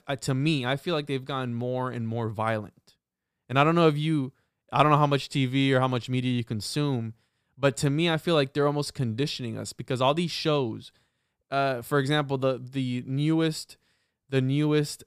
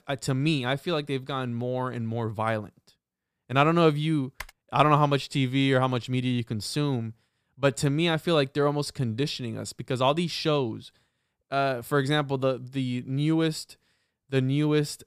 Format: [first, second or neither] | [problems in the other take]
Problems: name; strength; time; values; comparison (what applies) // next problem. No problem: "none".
first | keyboard typing; faint; at 4.5 s; peak 15 dB below the speech